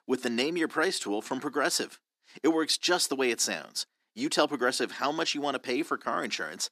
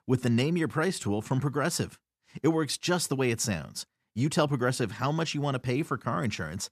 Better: second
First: thin; somewhat; fading below 300 Hz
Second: none

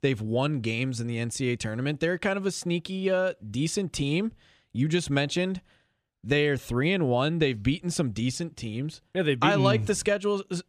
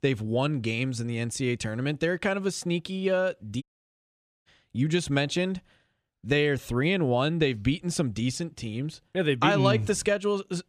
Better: first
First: none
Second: audio cutting out; at 3.5 s for 1 s

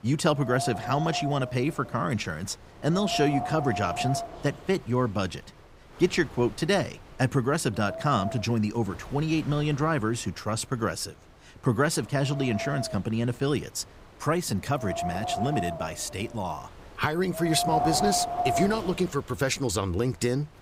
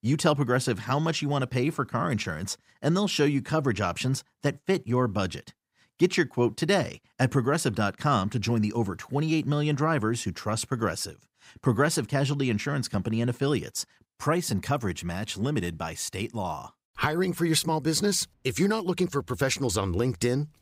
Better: second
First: wind noise on the microphone; heavy; 2 dB below the speech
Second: none

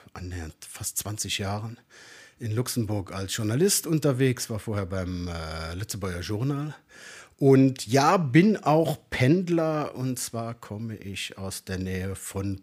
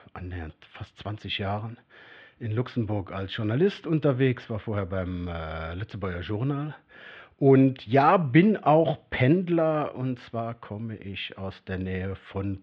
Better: first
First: none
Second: muffled; very; fading above 3.5 kHz

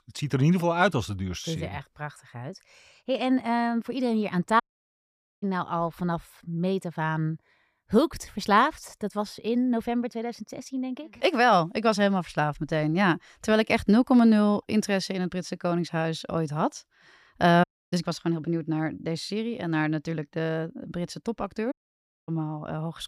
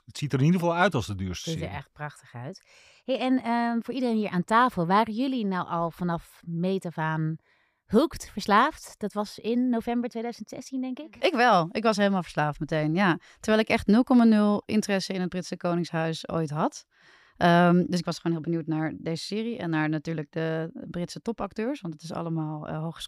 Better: second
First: audio cutting out; at 4.5 s for 1 s, at 18 s and at 22 s for 0.5 s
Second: none

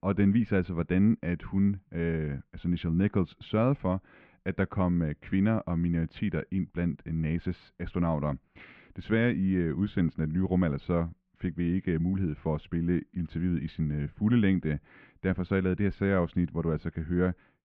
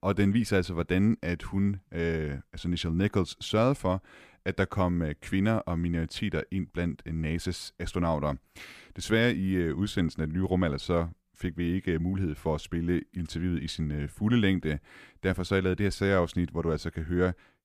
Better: second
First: muffled; very; fading above 3 kHz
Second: none

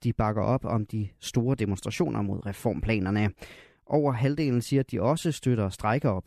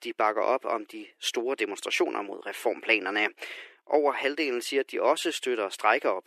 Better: first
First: none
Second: thin; very; fading below 350 Hz

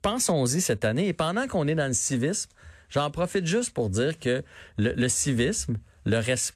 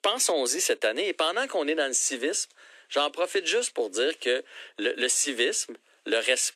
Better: first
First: none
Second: thin; very; fading below 300 Hz

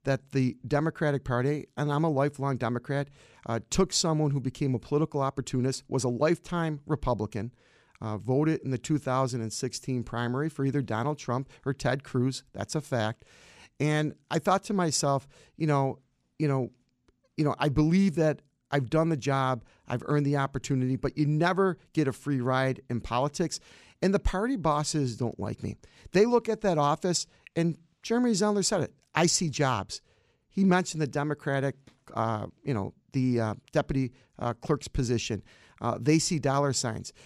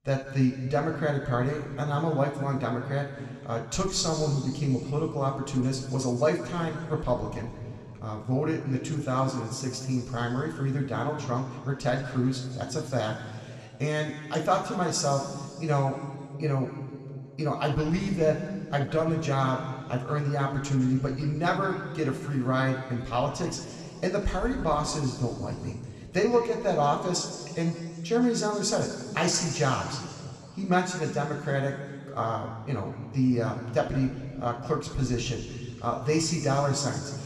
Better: first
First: none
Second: room echo; noticeable; dies away in 2.3 s // off-mic speech; somewhat distant

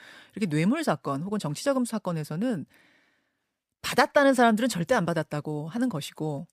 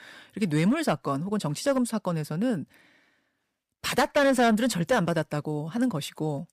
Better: first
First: none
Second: distortion; slight; 3% of the sound clipped

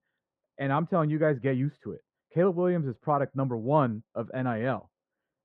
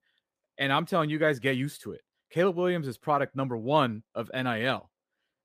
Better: second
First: muffled; very; fading above 1 kHz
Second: none

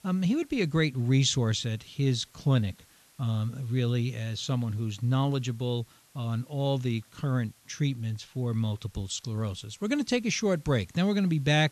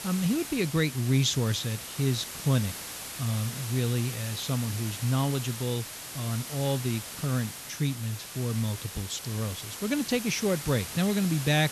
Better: first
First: hiss; faint; throughout; 30 dB below the speech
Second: hiss; loud; throughout; 8 dB below the speech

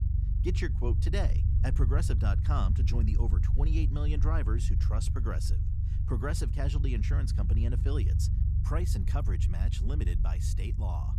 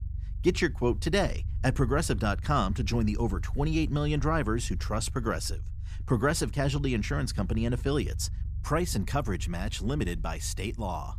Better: second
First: low rumble; loud; throughout; 5 dB below the speech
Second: low rumble; faint; throughout; 25 dB below the speech

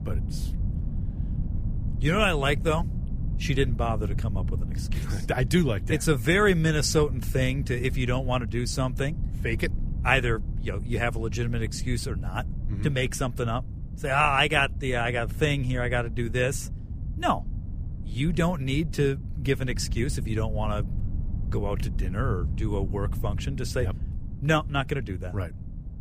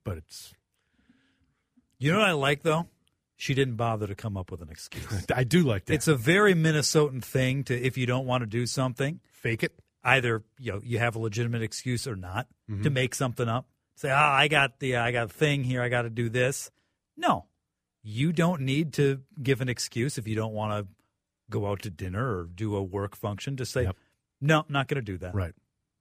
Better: second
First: wind noise on the microphone; occasional gusts; 20 dB below the speech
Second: none

